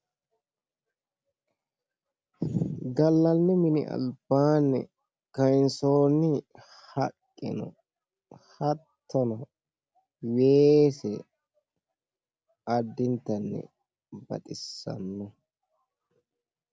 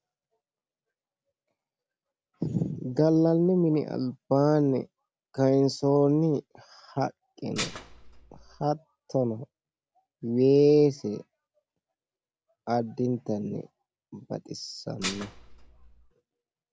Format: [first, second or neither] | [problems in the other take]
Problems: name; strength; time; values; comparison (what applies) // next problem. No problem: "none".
first | background sound (Dishes, pots, and pans); 11 dB below the speech